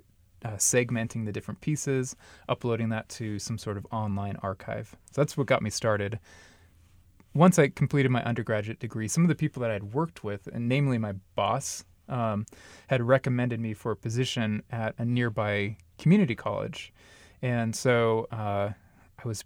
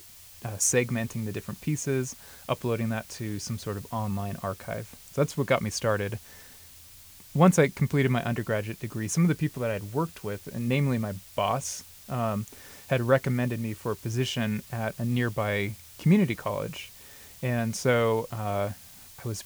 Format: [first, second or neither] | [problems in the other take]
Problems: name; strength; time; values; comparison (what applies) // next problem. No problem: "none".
first | hiss; noticeable; throughout; 20 dB below the speech